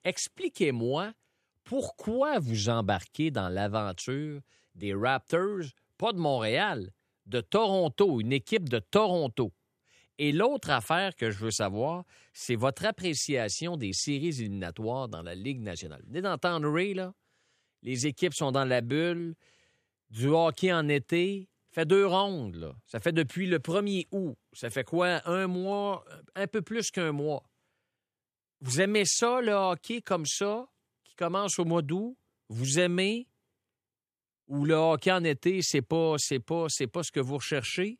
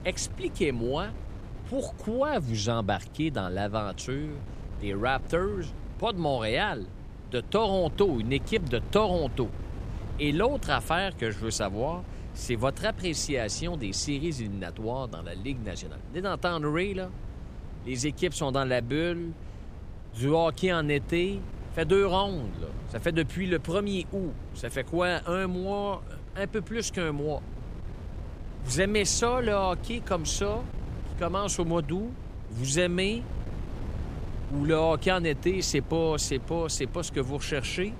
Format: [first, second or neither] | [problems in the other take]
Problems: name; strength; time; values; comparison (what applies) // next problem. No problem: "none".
first | wind noise on the microphone; occasional gusts; 20 dB below the speech